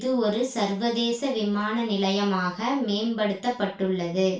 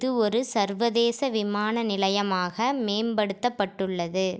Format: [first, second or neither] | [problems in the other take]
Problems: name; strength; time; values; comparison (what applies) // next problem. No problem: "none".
second | room echo; dies away in 0.3 s